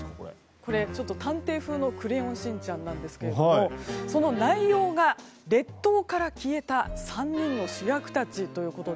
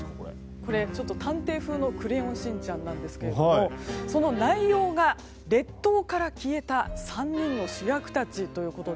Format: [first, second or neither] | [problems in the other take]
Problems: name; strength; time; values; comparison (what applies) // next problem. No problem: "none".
first | background sound (Piano); 15 dB below the speech